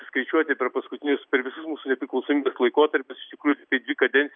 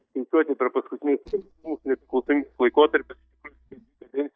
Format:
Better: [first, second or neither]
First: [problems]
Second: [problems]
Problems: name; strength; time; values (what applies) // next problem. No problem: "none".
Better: first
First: none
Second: noise reduction (neural mask model DeepFilterNet 3)